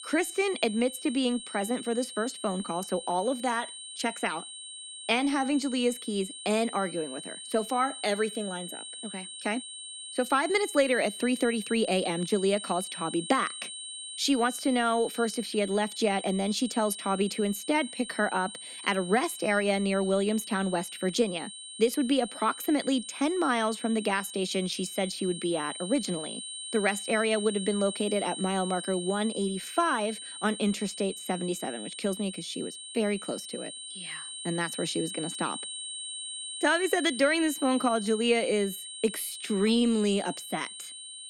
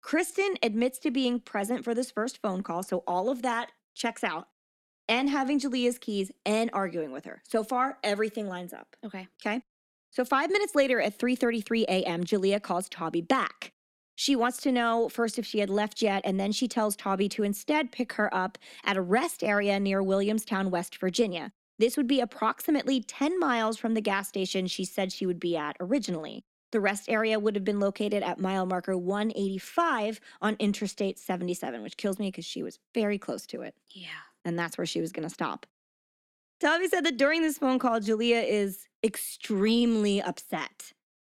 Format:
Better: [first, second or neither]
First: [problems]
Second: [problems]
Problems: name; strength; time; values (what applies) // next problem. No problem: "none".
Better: second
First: high-pitched whine; loud; throughout; 8.5 kHz, 9 dB below the speech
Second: none